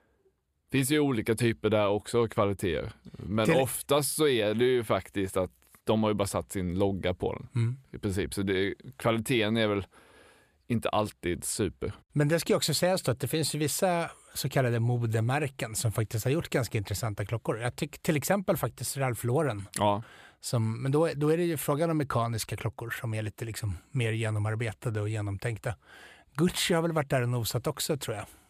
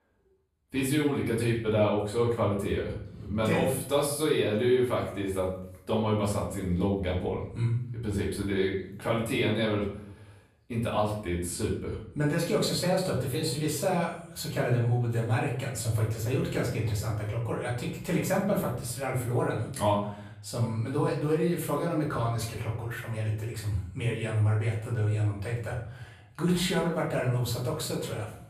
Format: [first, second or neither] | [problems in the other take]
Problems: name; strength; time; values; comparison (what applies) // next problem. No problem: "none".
first | off-mic speech; far // room echo; noticeable; dies away in 0.7 s